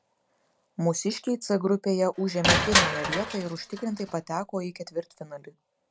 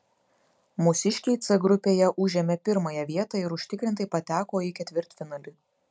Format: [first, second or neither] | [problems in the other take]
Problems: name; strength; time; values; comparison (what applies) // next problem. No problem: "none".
second | background sound (Crushing); as loud as the speech